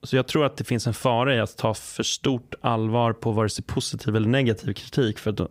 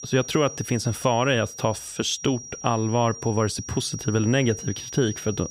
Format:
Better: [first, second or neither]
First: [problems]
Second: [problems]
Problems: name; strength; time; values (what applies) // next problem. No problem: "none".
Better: first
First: none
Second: high-pitched whine; noticeable; throughout; 5.5 kHz, 10 dB below the speech